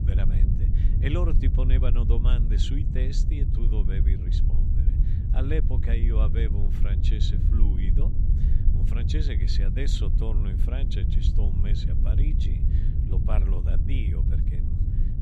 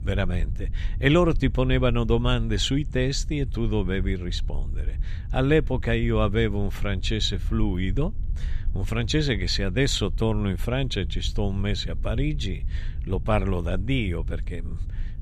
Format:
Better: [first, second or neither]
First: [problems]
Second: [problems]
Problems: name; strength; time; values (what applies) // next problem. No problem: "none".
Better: second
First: low rumble; loud; throughout; 3 dB below the speech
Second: low rumble; faint; throughout; 25 dB below the speech